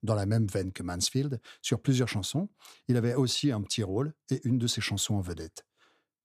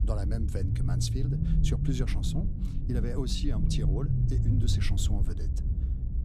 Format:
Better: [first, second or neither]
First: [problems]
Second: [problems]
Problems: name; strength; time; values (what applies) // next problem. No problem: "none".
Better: first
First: none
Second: low rumble; loud; throughout; 3 dB below the speech